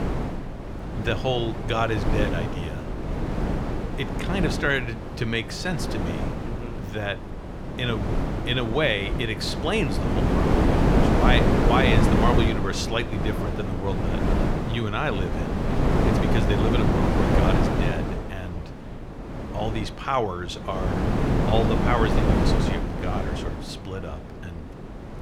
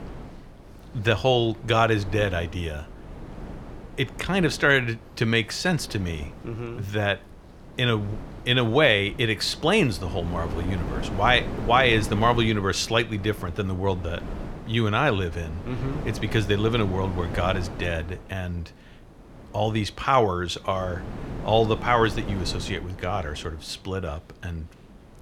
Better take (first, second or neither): second